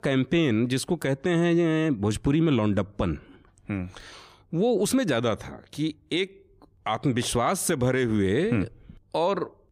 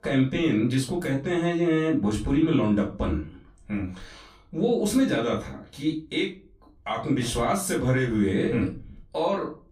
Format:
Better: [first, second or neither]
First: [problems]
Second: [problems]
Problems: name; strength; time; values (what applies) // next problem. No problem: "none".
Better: first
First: none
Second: off-mic speech; far // room echo; slight; dies away in 0.3 s